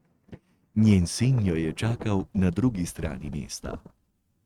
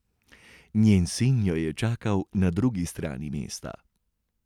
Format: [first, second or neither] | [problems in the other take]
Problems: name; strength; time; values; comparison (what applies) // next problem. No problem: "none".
second | noise reduction (neural mask model RNNoise)